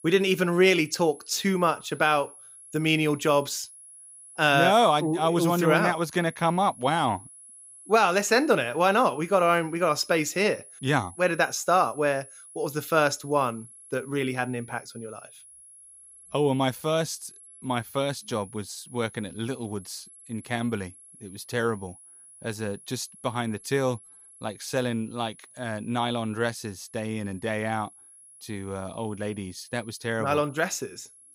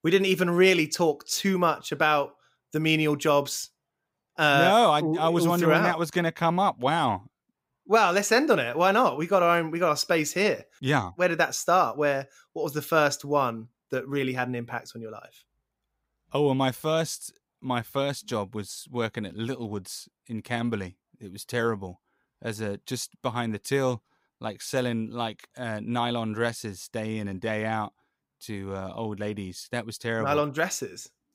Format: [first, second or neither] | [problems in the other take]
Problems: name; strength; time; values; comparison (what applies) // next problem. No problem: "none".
second | high-pitched whine; faint; throughout; 10.5 kHz, 20 dB below the speech